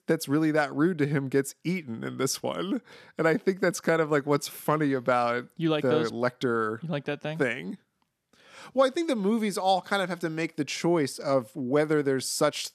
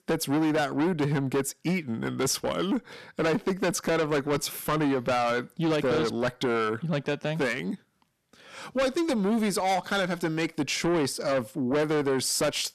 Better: first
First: none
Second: distortion; heavy; 7 dB below the speech

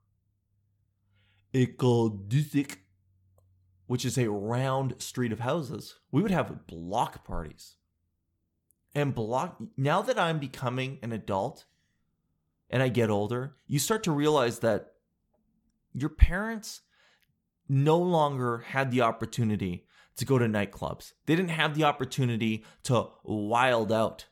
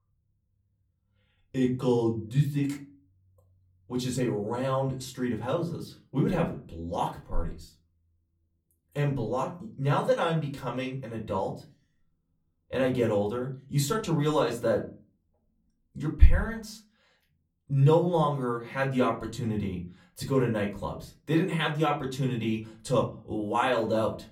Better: first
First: none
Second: off-mic speech; far // room echo; very slight; dies away in 0.3 s

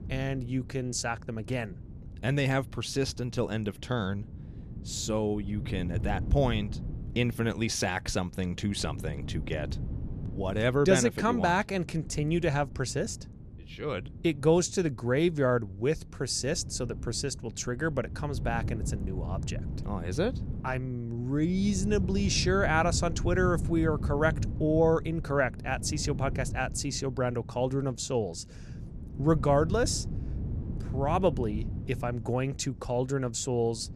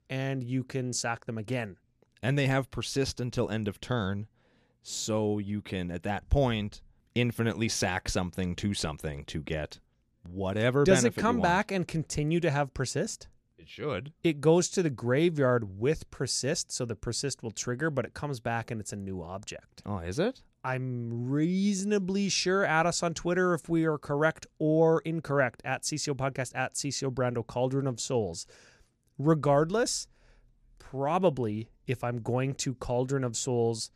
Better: second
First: wind noise on the microphone; occasional gusts; 20 dB below the speech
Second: none

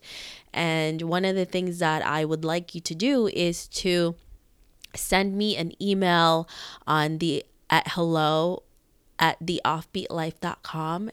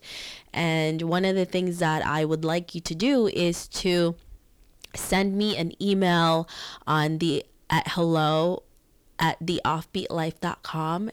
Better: first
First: none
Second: distortion; slight; 10 dB below the speech

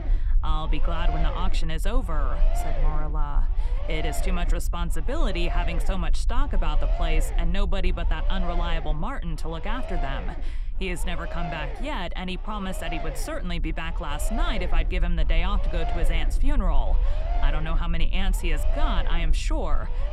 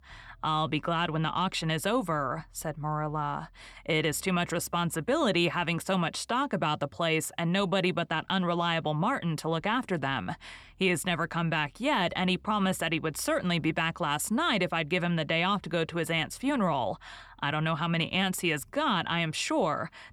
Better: second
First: low rumble; loud; throughout; 6 dB below the speech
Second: none

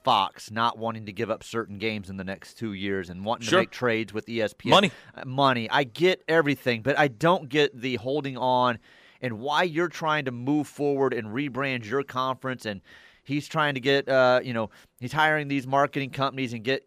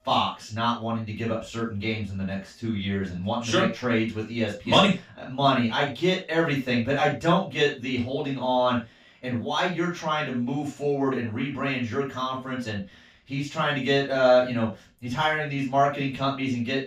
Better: first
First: none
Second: room echo; noticeable; dies away in 0.2 s // off-mic speech; far

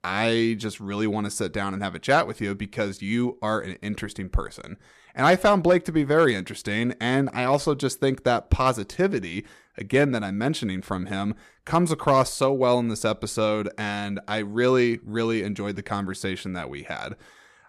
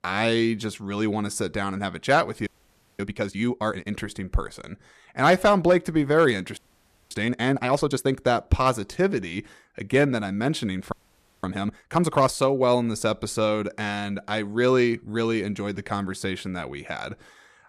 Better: first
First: none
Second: audio freezing; at 2.5 s for 0.5 s, at 6.5 s for 0.5 s and at 11 s for 0.5 s

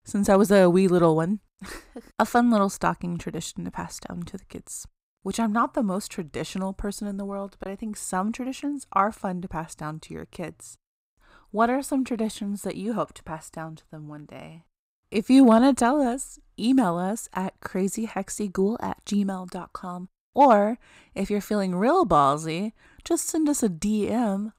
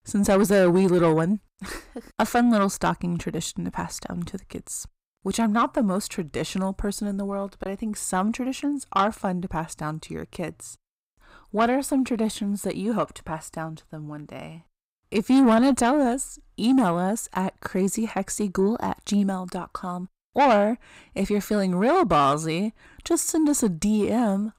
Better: first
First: none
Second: distortion; slight; 10 dB below the speech

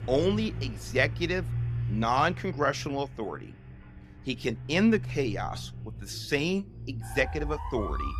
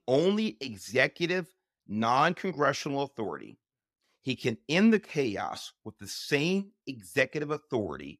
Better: second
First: traffic noise; loud; throughout; 8 dB below the speech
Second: none

